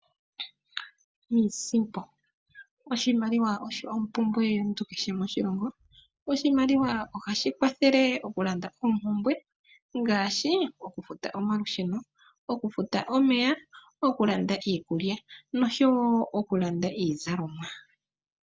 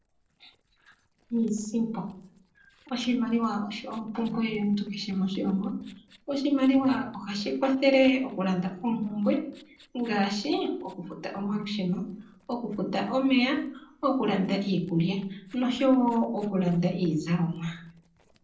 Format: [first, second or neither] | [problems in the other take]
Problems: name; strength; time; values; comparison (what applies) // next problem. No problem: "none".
first | noise reduction (neural separator model SepFormer DNS4)